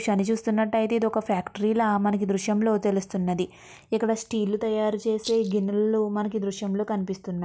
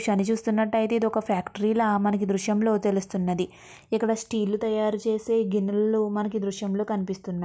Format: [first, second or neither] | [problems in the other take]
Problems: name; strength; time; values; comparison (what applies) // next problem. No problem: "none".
second | background sound (Rattle); 14 dB below the speech